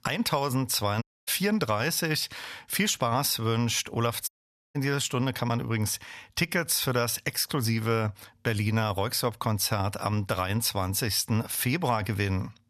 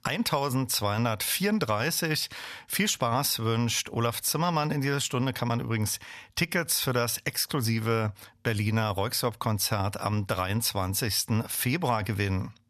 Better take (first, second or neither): second